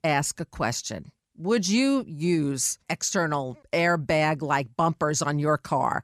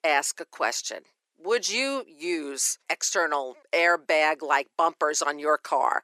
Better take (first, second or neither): first